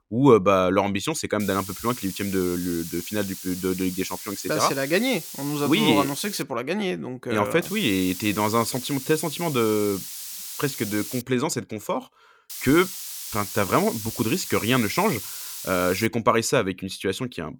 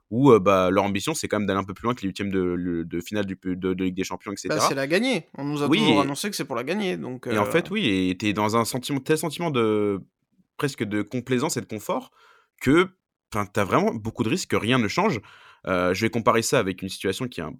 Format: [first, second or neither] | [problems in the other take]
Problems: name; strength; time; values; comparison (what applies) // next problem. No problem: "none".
second | hiss; loud; from 1.5 to 6.5 s, from 7.5 to 11 s and from 13 to 16 s; 9 dB below the speech